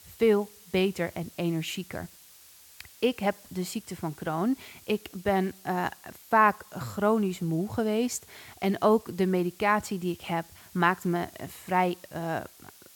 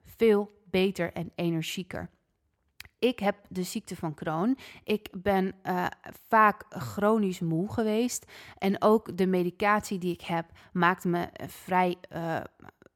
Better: second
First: hiss; faint; throughout; 20 dB below the speech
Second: none

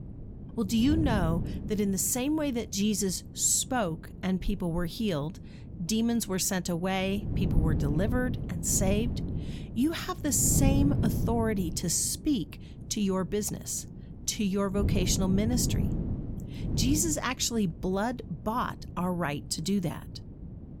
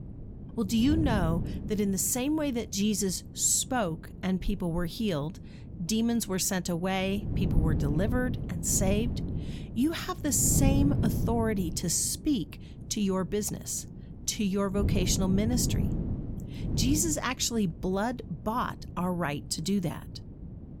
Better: neither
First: wind noise on the microphone; occasional gusts; 10 dB below the speech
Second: wind noise on the microphone; occasional gusts; 10 dB below the speech

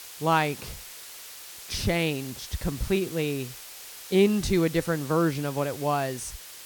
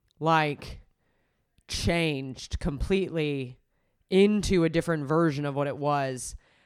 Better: second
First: hiss; noticeable; throughout; 15 dB below the speech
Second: none

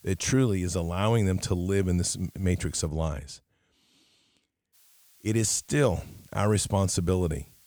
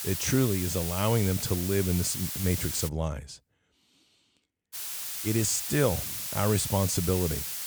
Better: first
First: hiss; faint; until 3 s and from 4.5 s on; 30 dB below the speech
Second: hiss; loud; until 3 s and from 4.5 s on; 3 dB below the speech

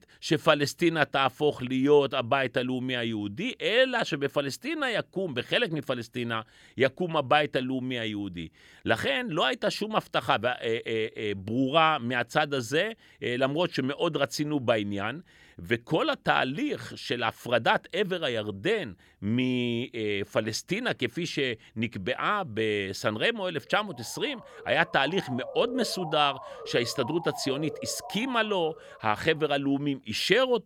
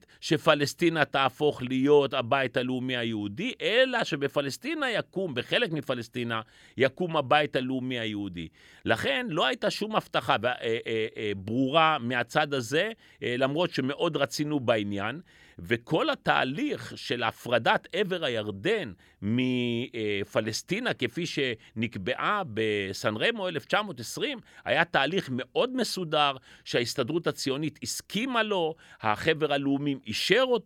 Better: second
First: siren; noticeable; from 24 to 29 s; peak 9 dB below the speech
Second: none

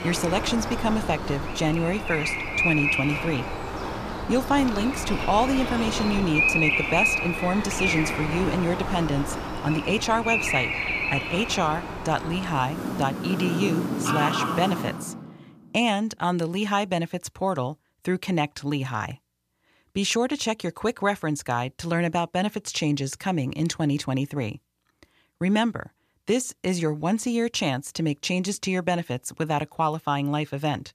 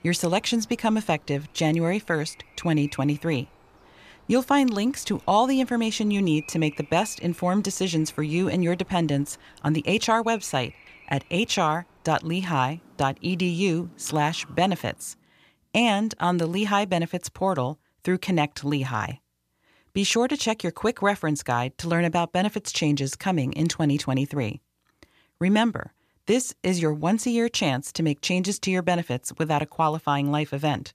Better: second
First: animal sounds; loud; until 15 s; 1 dB below the speech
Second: animal sounds; faint; until 15 s; 25 dB below the speech

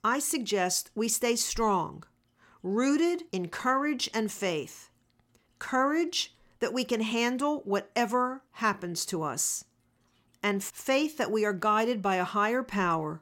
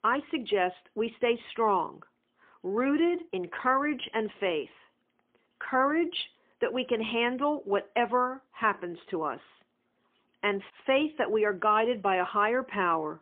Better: first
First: none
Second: phone-call audio; poor line

